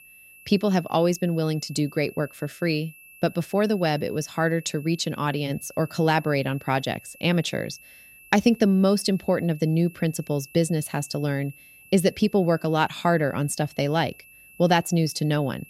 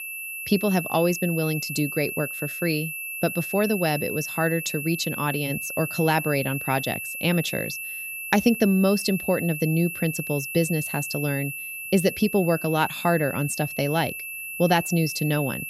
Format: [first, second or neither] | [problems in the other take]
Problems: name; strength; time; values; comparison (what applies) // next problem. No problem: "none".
first | high-pitched whine; loud; throughout; 2.5 kHz, 6 dB below the speech; faint in the first